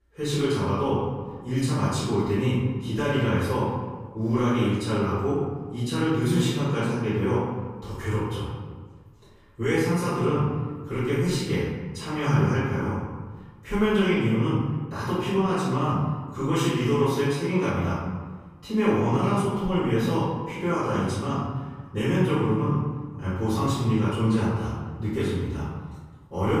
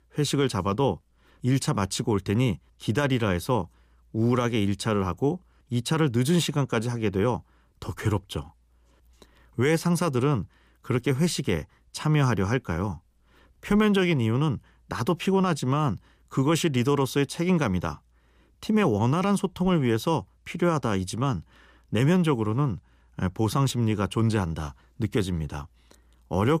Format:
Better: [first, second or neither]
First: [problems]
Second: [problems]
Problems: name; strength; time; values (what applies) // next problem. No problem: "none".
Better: second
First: room echo; strong; dies away in 1.3 s // off-mic speech; far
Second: none